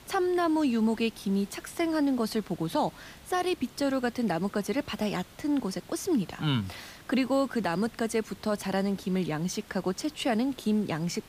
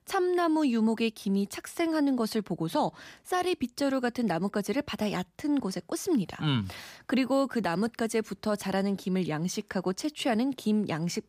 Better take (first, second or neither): second